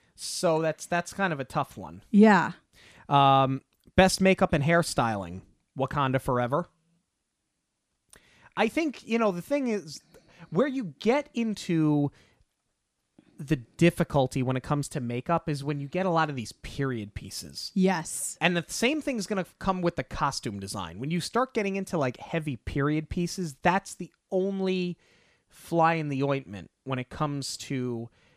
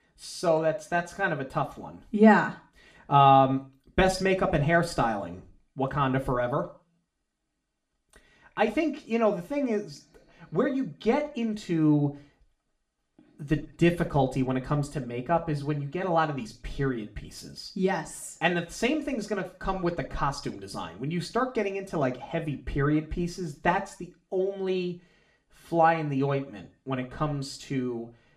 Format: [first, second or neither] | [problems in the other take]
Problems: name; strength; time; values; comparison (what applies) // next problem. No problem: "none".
first | room echo; very slight; dies away in 0.3 s // off-mic speech; far